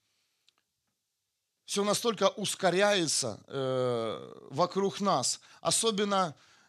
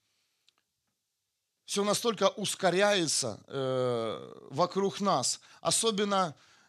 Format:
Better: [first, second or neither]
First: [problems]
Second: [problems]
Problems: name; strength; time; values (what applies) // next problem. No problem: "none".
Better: neither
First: none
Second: none